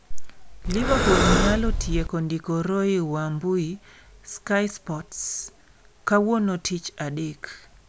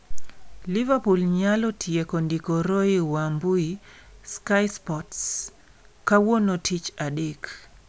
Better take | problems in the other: second | background sound (Breathing); 4 dB above the speech

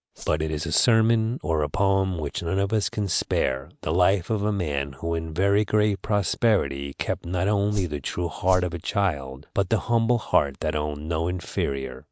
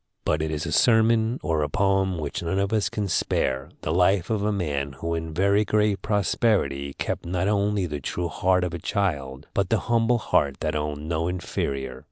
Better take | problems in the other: second | noise reduction (neural mask model RNNoise)

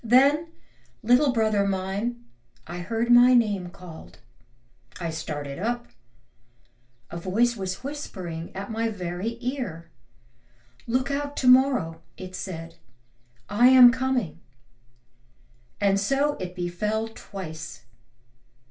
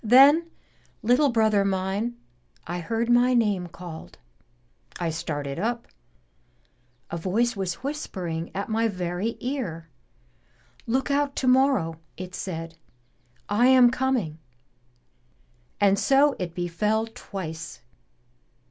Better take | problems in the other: second | room echo; dies away in 0.2 s

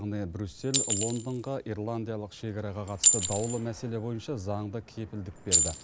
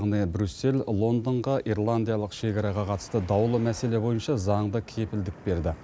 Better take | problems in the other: second | background sound (Chink, clink); 3 dB above the speech

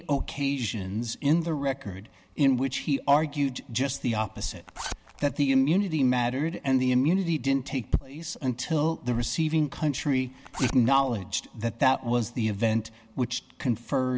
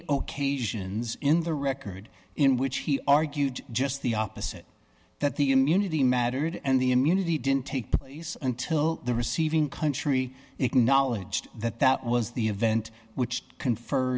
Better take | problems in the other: second | background sound (Zipper (clothing)); 14 dB below the speech

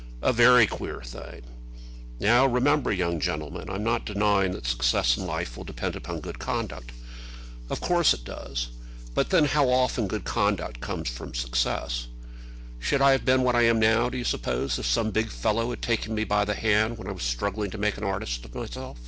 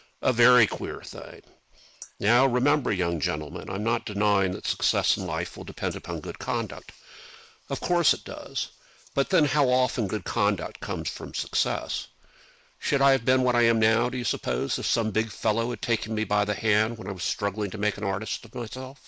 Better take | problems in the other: first | noise reduction (neural mask model Resemble Enhance denoiser)

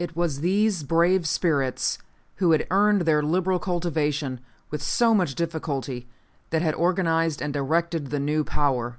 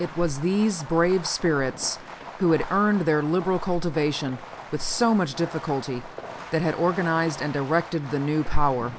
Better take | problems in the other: first | background sound (Fireworks); 15 dB below the speech

